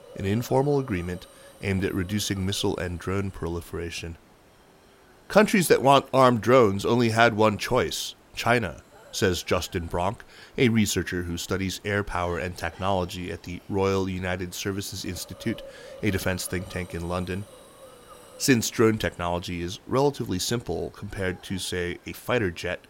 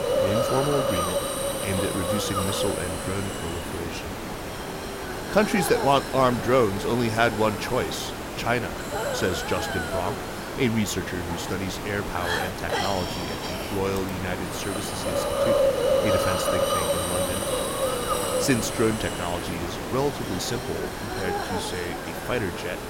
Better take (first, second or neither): first